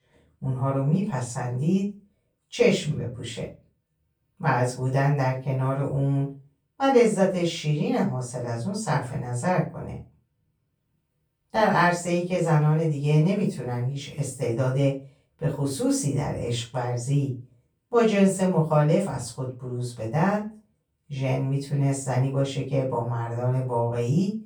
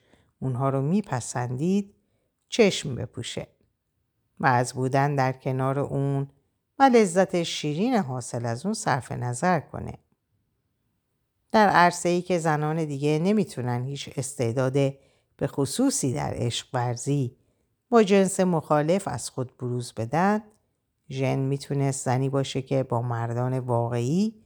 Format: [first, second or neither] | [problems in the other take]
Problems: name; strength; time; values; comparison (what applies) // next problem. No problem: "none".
second | room echo; slight; dies away in 0.3 s // off-mic speech; far